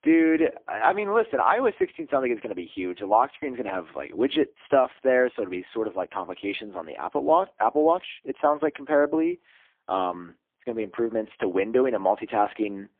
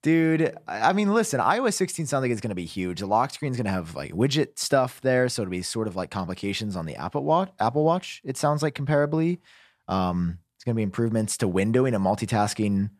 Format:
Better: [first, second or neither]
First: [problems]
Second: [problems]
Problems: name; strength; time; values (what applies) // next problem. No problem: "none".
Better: second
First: phone-call audio; poor line; nothing above 3.5 kHz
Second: none